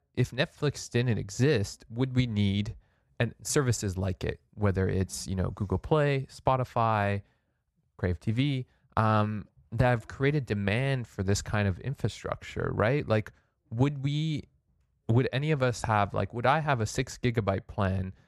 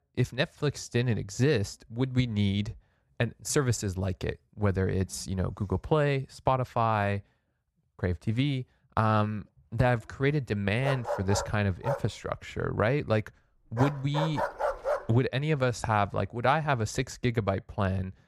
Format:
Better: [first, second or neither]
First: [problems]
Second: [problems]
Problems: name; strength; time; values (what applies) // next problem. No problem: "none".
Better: first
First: none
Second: dog barking; noticeable; from 11 to 15 s; peak 1 dB below the speech